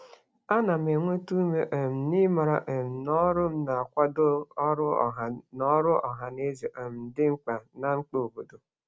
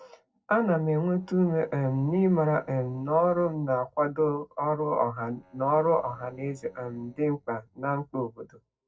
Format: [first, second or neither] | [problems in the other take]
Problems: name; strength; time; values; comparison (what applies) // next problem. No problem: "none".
first | noise reduction (neural separator model SepFormer DNS4)